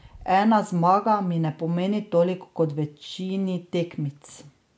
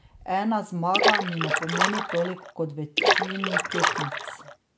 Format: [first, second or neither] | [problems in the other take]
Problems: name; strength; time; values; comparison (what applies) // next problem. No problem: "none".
first | background sound (Splash, splatter); 4 dB above the speech